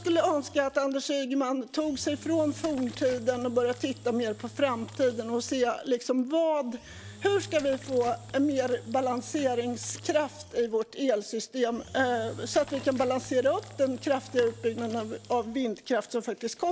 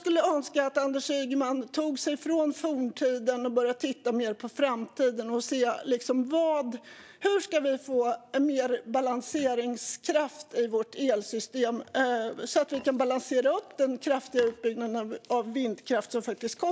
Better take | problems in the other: second | background sound (Engine / Drill); 18 dB below the speech

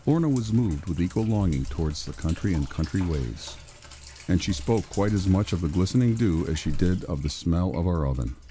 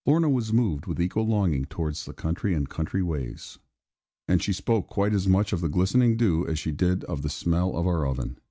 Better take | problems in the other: second | background sound (Sink (filling or washing)); 13 dB below the speech

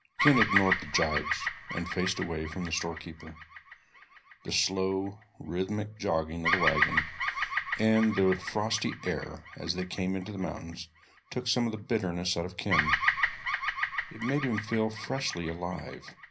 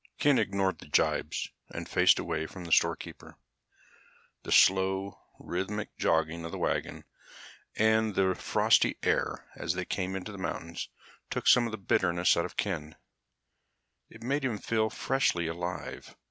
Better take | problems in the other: second | background sound (Bird vocalization, bird call, bird song); 2 dB below the speech // room echo; dies away in 0.4 s

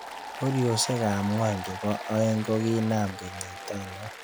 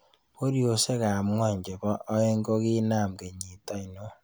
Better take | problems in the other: second | background sound (Applause); 10 dB below the speech

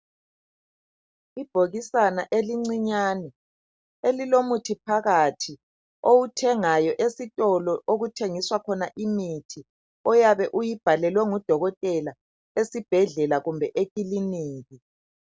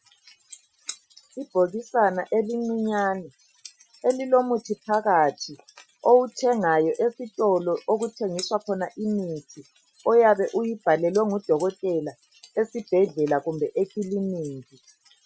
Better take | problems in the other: first | noise reduction (classical method Wiener filter)

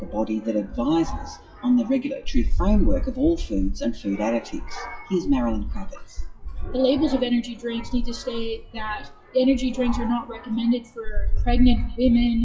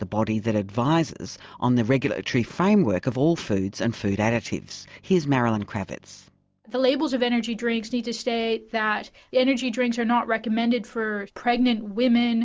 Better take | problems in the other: second | noise reduction (classical method WPE with log-MMSE)

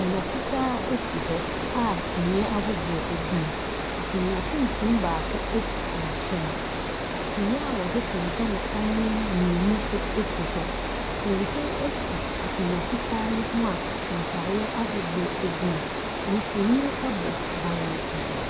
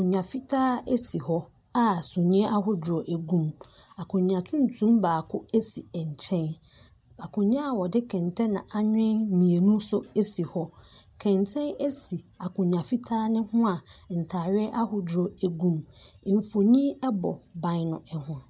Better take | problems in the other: second | background sound (Water); as loud as the speech

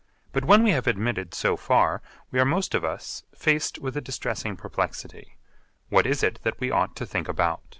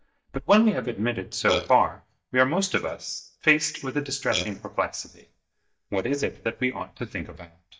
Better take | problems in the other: first | noise reduction (neural mask model DeepFilterNet 3)

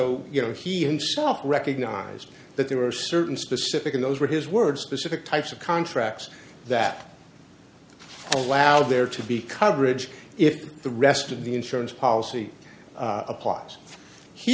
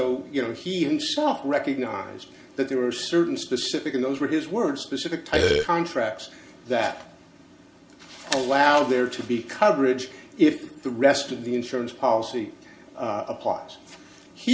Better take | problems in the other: first | background sound (Burping, eructation); 5 dB above the speech // room echo; dies away in 0.2 s

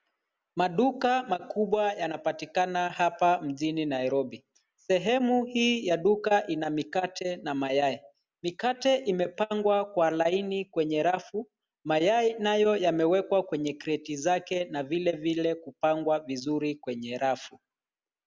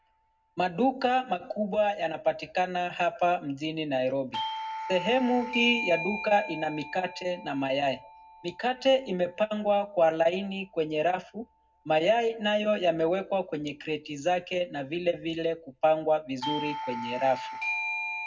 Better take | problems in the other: first | background sound (Doorbell); 11 dB below the speech // room echo; dies away in 0.3 s

